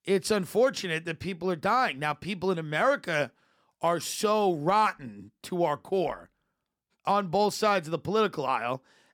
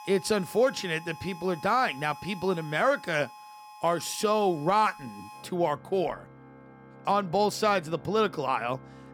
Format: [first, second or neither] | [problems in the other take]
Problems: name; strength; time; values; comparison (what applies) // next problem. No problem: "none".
first | background music; noticeable; throughout; 20 dB below the speech